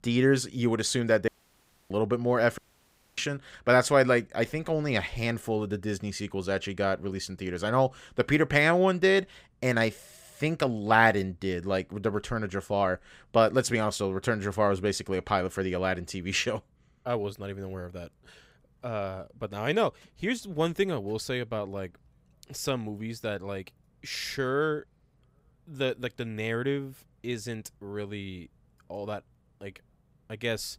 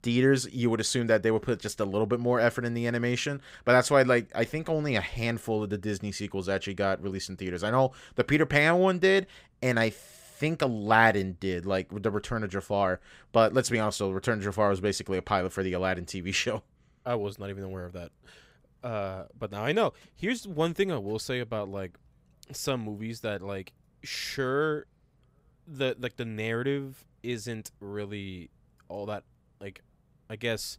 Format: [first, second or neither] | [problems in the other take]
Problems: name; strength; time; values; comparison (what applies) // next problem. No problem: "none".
second | audio cutting out; at 1.5 s for 0.5 s and at 2.5 s for 0.5 s